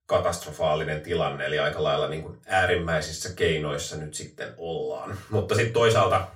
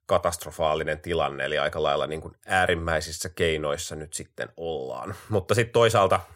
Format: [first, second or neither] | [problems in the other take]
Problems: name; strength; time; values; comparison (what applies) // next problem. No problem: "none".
second | room echo; slight; dies away in 0.3 s // off-mic speech; far